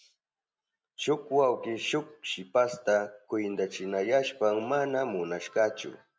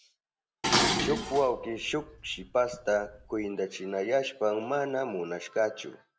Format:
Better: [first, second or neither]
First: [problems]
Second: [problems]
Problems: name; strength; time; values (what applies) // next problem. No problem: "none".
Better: first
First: none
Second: background sound (Dishes, pots, and pans); 1 dB below the speech